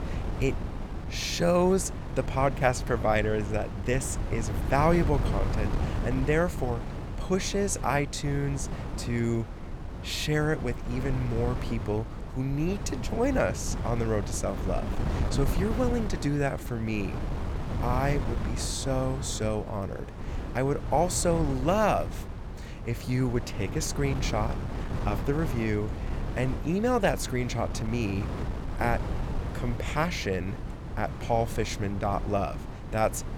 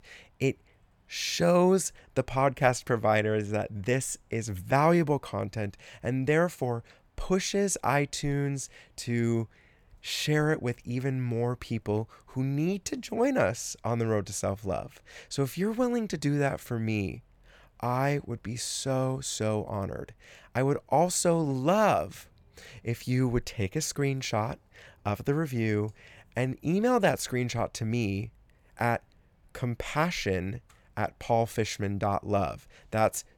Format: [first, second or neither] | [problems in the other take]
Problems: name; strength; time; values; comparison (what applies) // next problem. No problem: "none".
second | wind noise on the microphone; occasional gusts; 10 dB below the speech